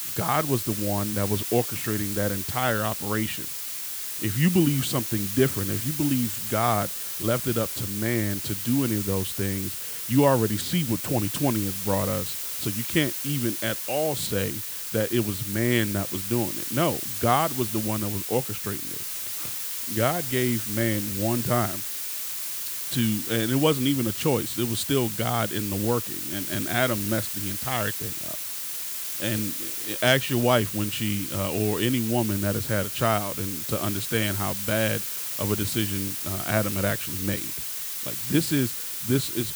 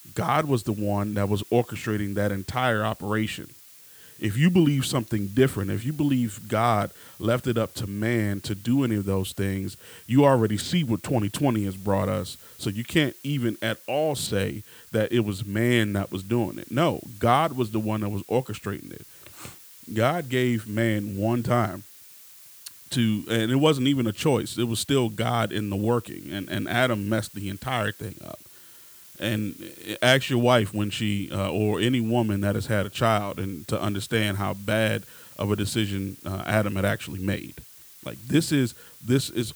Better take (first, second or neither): second